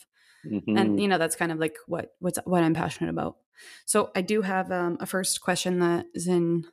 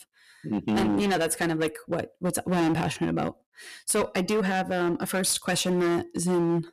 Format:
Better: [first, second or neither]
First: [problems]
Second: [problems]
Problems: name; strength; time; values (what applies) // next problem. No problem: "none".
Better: first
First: none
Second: distortion; heavy; 15% of the sound clipped